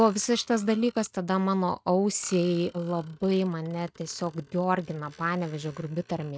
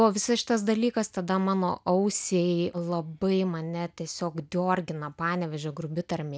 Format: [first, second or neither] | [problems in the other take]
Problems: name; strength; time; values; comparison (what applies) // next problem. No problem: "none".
second | noise reduction (neural mask model RNNoise)